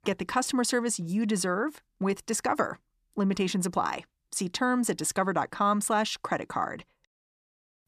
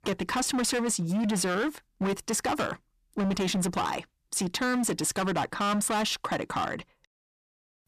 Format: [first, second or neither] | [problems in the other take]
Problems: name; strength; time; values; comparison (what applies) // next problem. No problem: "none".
first | distortion; heavy; 21% of the sound clipped